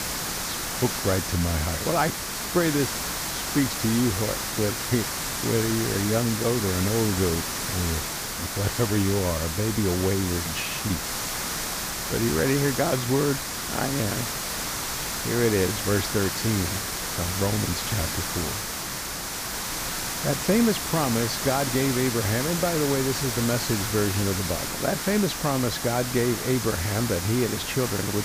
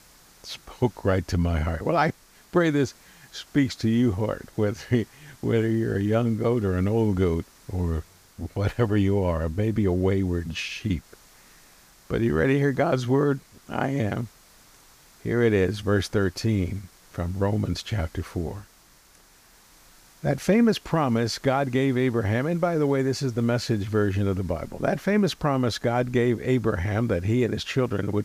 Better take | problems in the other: second | hiss; loud; throughout; 2 dB below the speech; faint in the second

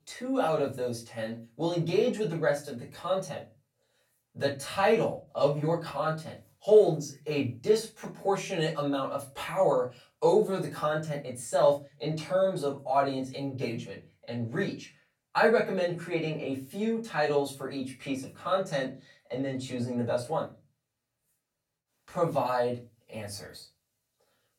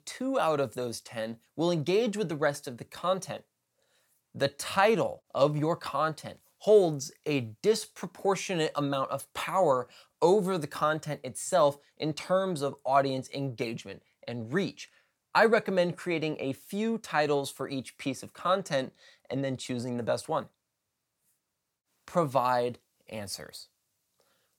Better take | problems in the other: second | off-mic speech; far // room echo; very slight; dies away in 0.3 s

